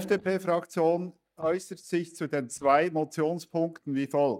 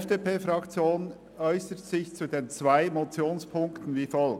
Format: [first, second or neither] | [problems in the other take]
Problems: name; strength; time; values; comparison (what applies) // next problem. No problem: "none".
second | noise reduction (neural mask model DeepFilterNet 3)